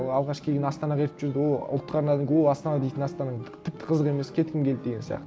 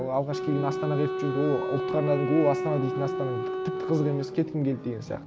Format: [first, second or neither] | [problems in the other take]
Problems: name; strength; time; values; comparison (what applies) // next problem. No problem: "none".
first | background sound (Wind instrument, woodwind instrument); 4 dB below the speech